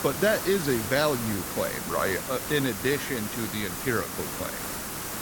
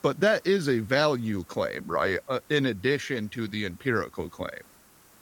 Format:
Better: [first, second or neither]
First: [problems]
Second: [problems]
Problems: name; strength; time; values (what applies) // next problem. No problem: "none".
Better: second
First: hiss; loud; throughout; 4 dB below the speech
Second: hiss; faint; throughout; 30 dB below the speech